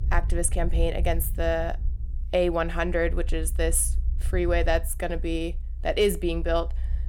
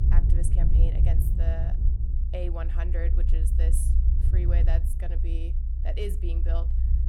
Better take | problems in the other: first | low rumble; loud; throughout; 3 dB below the speech; faint in the first

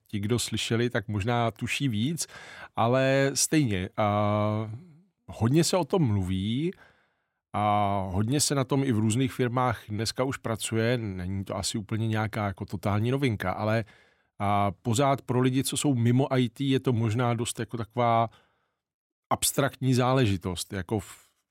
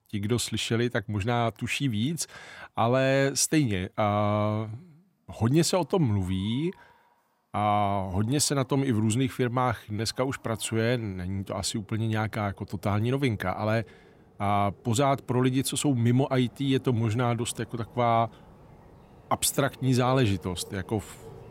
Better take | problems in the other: first | animal sounds; faint; throughout; 25 dB below the speech

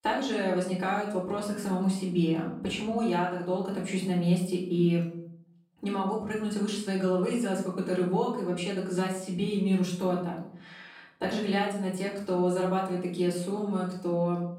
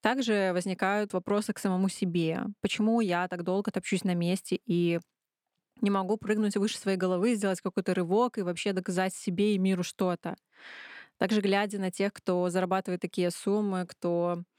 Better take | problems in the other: second | off-mic speech; far // room echo; noticeable; dies away in 0.6 s

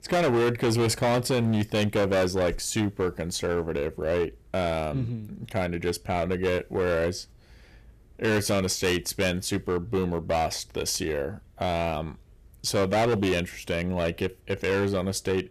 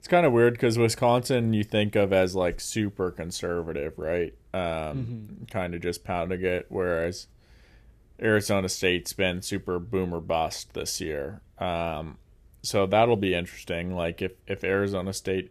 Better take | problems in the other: second | distortion; heavy; 11% of the sound clipped

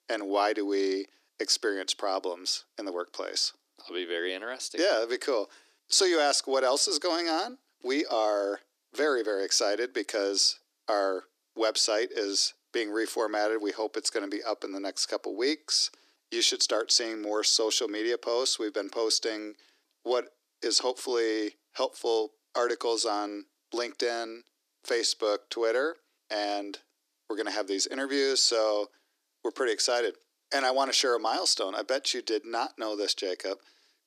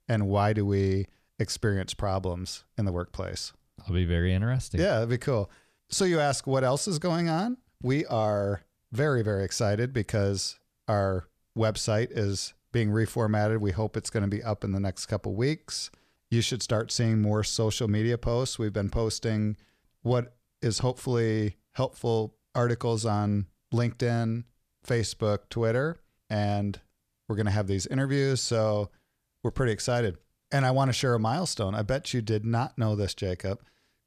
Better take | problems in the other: second | thin; very; fading below 300 Hz

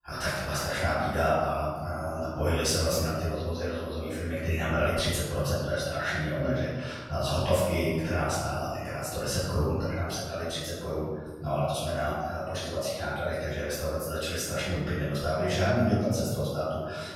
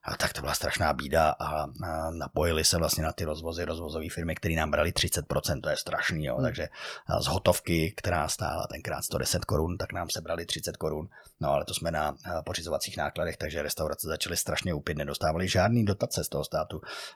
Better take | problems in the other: second | off-mic speech; far // room echo; strong; dies away in 1.3 s

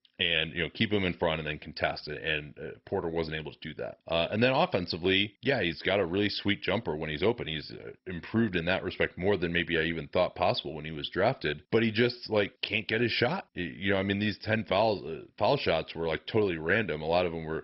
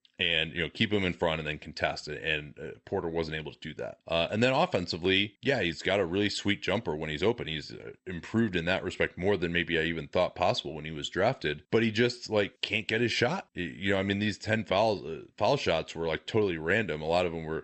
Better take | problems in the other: second | garbled, watery; badly; nothing above 5.5 kHz; slightly in the second

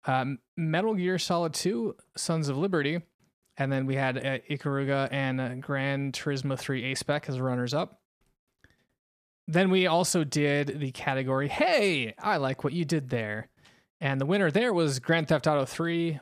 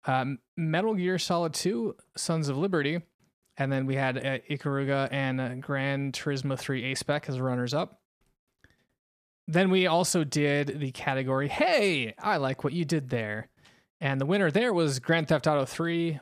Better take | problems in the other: neither | none

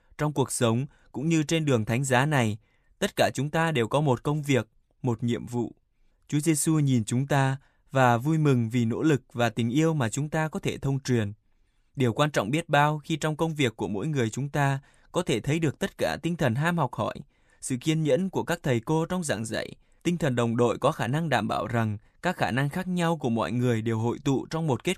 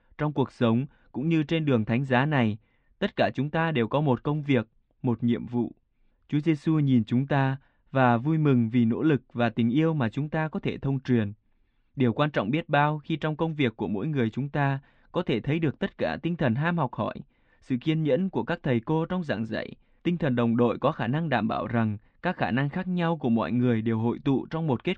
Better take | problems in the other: first | muffled; very; fading above 3.5 kHz

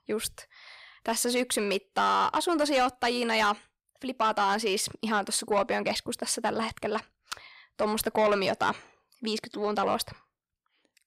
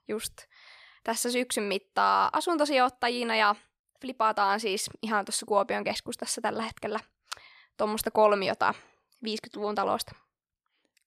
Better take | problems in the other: second | distortion; slight; 10 dB below the speech

